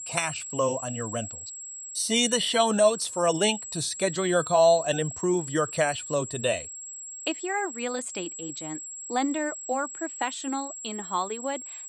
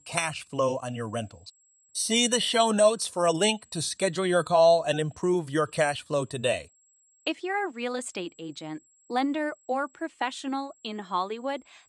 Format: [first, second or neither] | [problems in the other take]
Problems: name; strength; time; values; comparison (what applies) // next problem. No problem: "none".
second | high-pitched whine; loud; throughout; 7.5 kHz, 9 dB below the speech; faint in the second